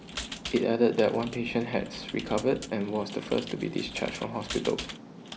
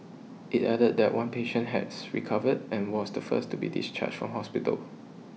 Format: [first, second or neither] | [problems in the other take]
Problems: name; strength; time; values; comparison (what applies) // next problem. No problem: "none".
second | background sound (Computer keyboard); 13 dB below the speech